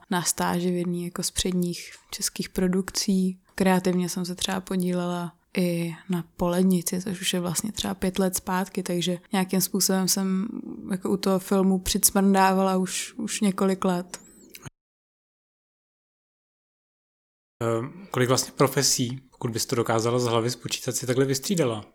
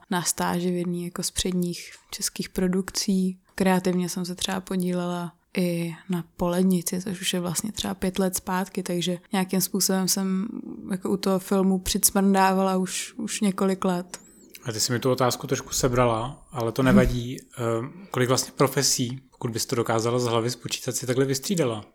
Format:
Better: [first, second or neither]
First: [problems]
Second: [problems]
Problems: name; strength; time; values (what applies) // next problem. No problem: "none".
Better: second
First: audio cutting out; at 15 s for 3 s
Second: none